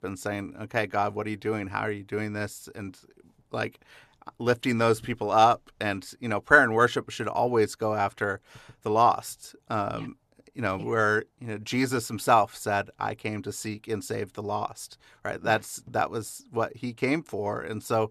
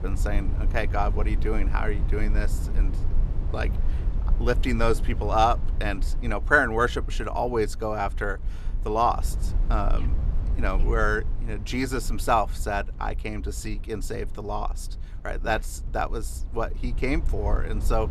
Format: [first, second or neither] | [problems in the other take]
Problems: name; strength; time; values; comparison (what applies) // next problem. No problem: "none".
first | low rumble; noticeable; throughout; 20 dB below the speech